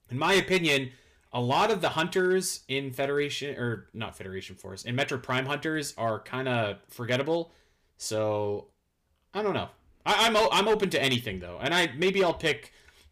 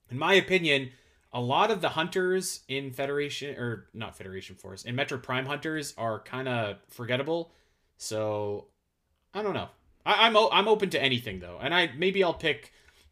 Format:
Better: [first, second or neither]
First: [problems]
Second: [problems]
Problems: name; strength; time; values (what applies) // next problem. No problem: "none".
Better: second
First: distortion; slight; 3% of the sound clipped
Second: none